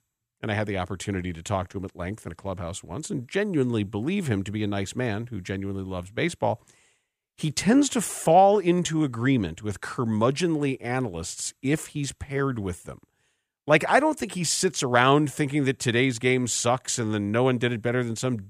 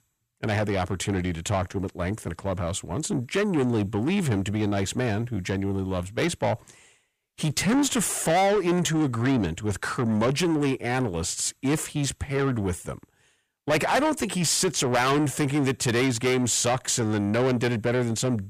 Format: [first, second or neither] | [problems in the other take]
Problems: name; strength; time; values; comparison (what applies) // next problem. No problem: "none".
first | distortion; heavy; 7 dB below the speech